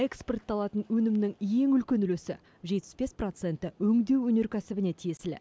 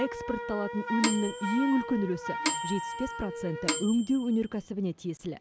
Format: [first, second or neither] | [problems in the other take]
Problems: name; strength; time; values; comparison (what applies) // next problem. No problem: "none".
first | background sound (Wind instrument, woodwind instrument + Microwave oven / Bell); 5 dB below the speech